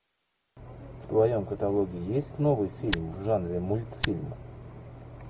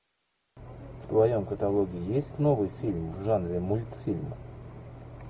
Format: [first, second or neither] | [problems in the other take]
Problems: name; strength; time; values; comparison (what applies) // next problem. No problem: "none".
second | background sound (Tick); 6 dB below the speech